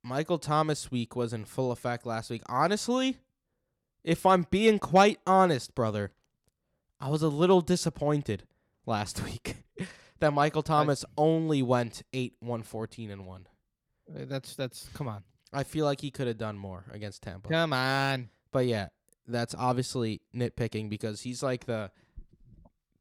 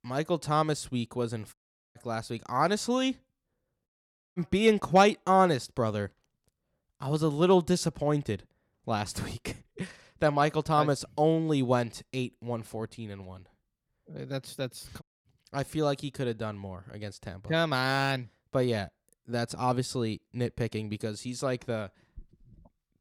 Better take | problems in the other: first | audio cutting out; at 1.5 s, at 4 s and at 15 s

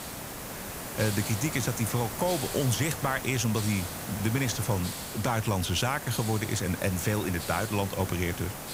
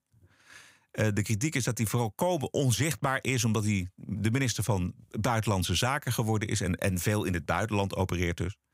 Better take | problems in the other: second | hiss; loud; throughout; 7 dB below the speech

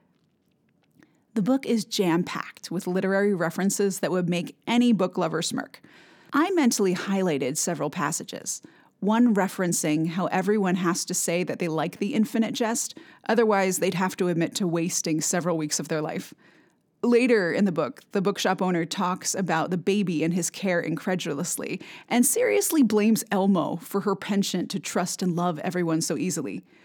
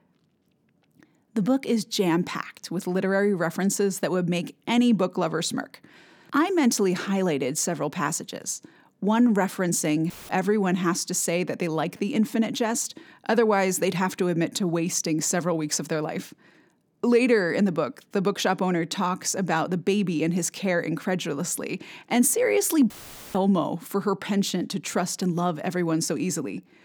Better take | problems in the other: first | audio cutting out; filled with static; at 10 s and at 23 s

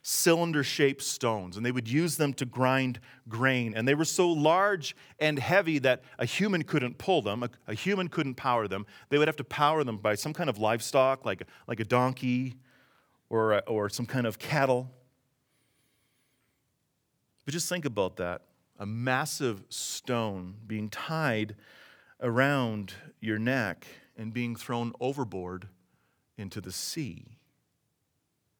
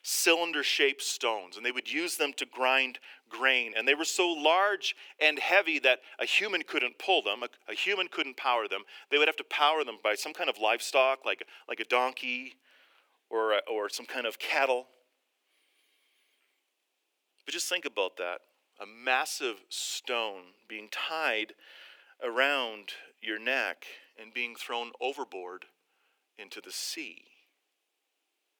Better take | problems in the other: first | thin; very; fading below 350 Hz

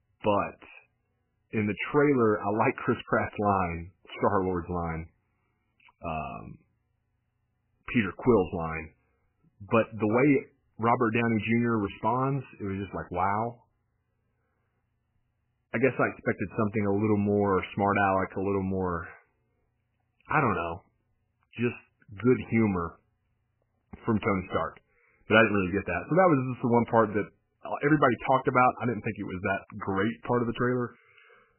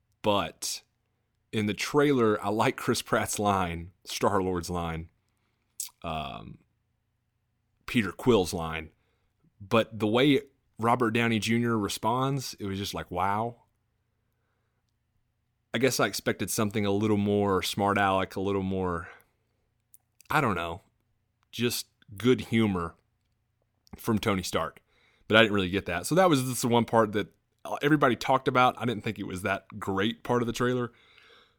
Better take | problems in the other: second | garbled, watery; badly; nothing above 3 kHz

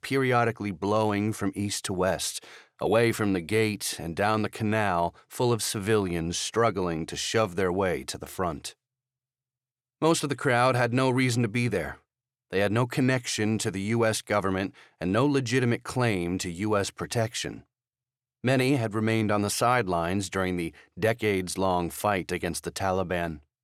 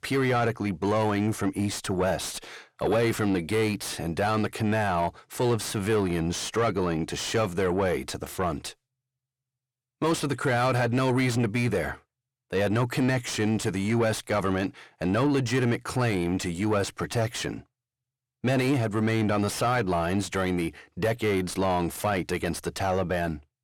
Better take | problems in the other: first | distortion; slight; 10 dB below the speech

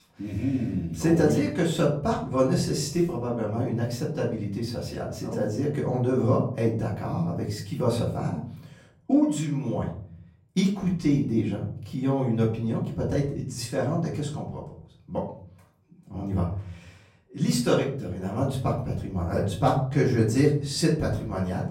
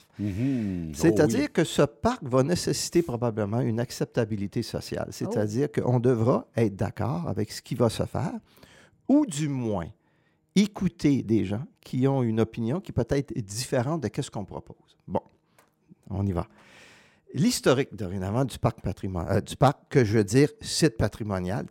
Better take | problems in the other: second | off-mic speech; far // room echo; slight; dies away in 0.5 s

